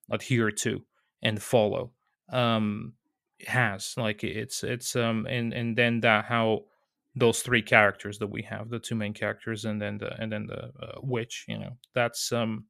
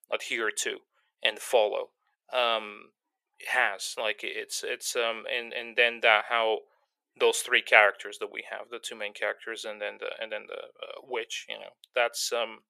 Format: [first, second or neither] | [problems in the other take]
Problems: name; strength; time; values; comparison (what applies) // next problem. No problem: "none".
first | thin; very; fading below 450 Hz